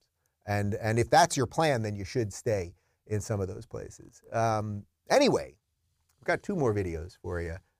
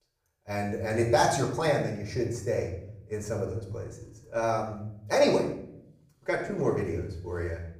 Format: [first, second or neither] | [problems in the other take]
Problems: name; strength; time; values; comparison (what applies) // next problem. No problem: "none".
first | off-mic speech; far // room echo; slight; dies away in 0.6 s